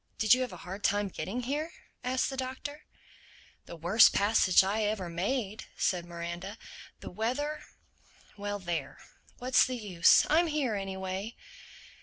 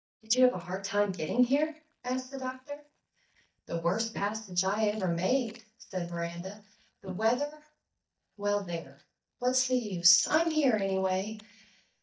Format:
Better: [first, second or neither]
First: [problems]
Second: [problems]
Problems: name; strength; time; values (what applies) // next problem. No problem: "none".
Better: first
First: none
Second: noise reduction (neural mask model DeepFilterNet 3)